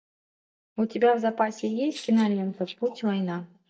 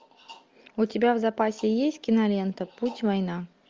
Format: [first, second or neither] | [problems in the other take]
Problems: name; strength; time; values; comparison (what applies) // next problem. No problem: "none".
second | noise reduction (neural mask model DeepFilterNet 3)